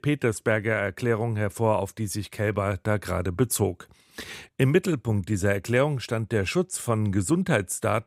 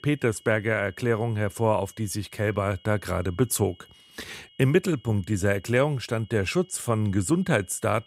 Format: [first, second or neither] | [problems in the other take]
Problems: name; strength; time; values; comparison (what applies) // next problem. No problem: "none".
first | high-pitched whine; faint; throughout; 3 kHz, 30 dB below the speech